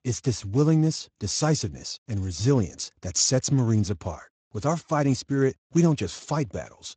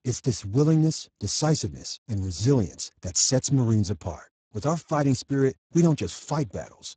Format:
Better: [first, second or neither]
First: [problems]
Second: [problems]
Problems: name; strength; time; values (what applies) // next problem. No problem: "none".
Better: first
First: garbled, watery; slightly; nothing above 7.5 kHz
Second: garbled, watery; badly; nothing above 7.5 kHz